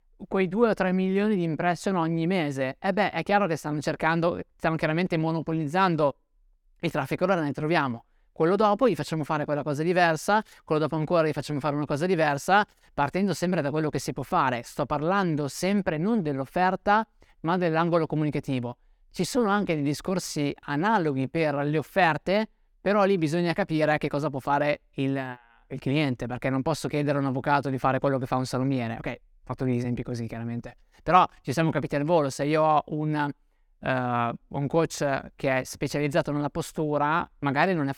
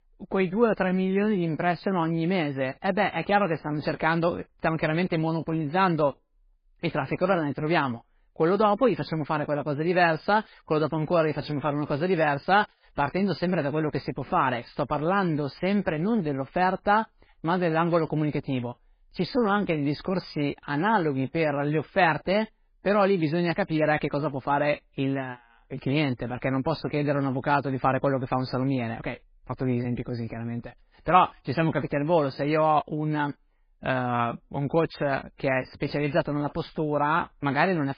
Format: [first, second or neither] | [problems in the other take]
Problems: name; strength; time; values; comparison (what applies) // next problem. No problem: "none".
first | garbled, watery; badly; nothing above 4.5 kHz